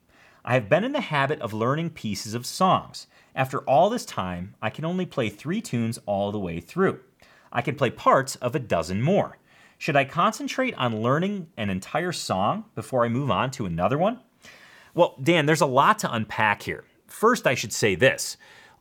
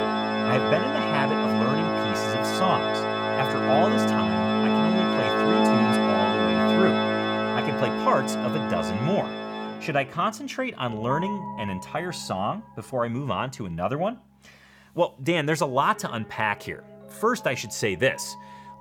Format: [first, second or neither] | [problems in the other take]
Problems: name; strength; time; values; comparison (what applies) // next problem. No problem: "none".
first | background music; very loud; throughout; 4 dB above the speech